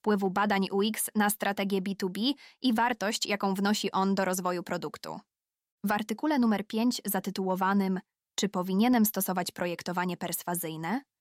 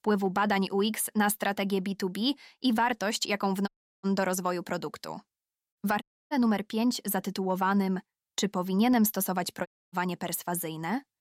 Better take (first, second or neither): first